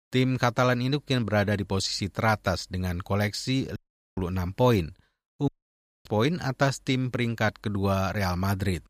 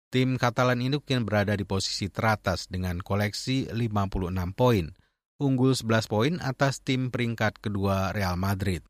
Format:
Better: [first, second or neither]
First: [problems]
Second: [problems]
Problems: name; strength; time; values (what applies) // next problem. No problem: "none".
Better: second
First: audio cutting out; at 4 s and at 5.5 s for 0.5 s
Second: none